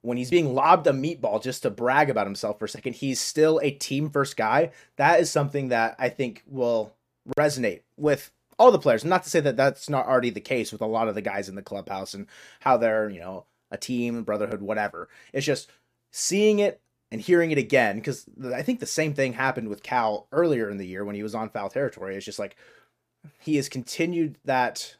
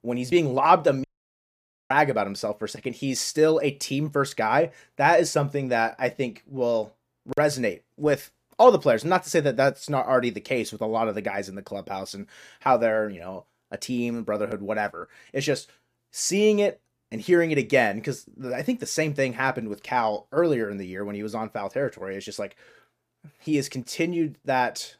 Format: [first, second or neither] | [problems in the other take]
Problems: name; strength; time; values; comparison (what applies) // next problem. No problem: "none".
first | audio cutting out; at 1 s for 1 s